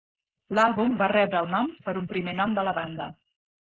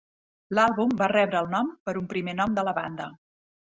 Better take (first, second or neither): second